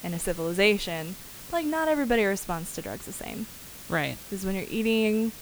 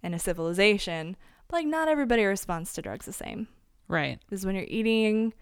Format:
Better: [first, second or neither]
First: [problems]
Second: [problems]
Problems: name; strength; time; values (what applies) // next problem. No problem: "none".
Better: second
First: hiss; noticeable; throughout; 15 dB below the speech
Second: none